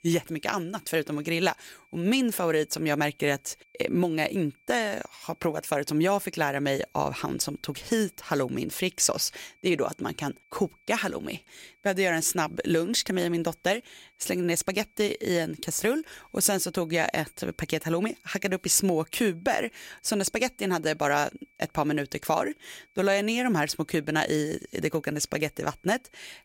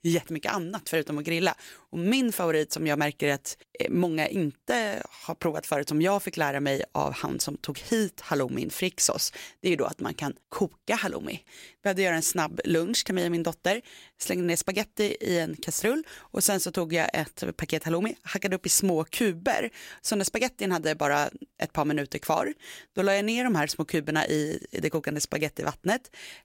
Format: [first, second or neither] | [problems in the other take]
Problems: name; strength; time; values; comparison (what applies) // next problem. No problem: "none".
second | high-pitched whine; faint; throughout; 2.5 kHz, 35 dB below the speech